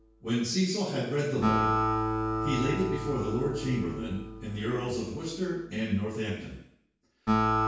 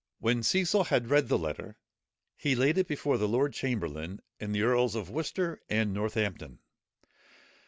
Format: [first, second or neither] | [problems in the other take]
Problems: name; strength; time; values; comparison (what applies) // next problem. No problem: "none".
second | background sound (Acoustic guitar); 1 dB below the speech // room echo; dies away in 0.6 s